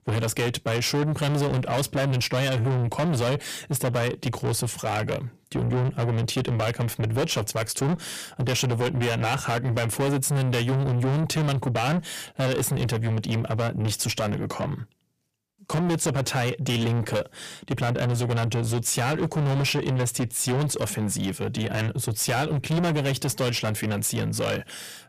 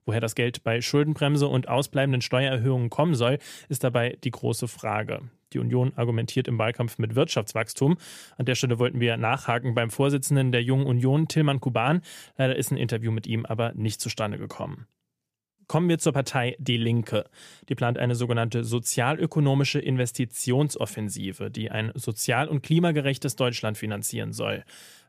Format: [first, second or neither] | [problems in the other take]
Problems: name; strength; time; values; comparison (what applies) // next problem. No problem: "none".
second | distortion; heavy; 6 dB below the speech